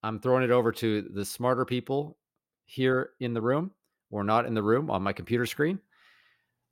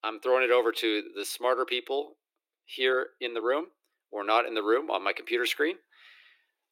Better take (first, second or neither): first